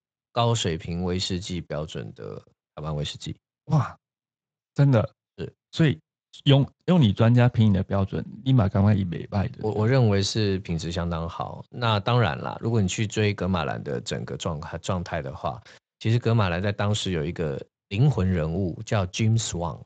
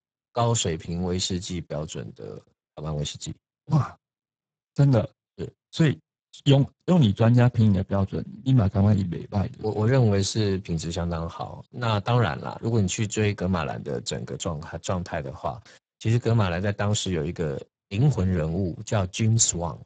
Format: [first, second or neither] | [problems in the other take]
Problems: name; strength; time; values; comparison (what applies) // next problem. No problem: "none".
first | garbled, watery; badly; nothing above 7.5 kHz; slightly in the first